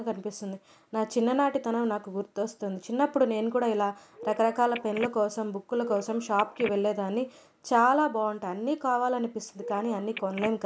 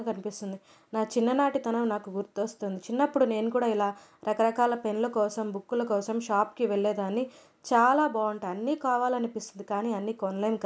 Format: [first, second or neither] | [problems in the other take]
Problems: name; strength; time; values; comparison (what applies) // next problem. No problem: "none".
second | background sound (Telephone); 12 dB below the speech